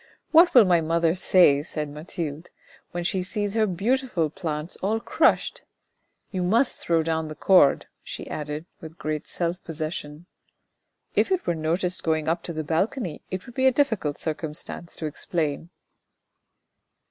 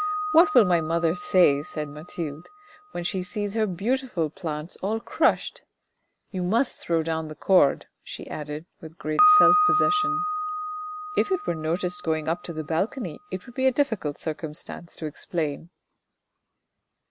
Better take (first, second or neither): first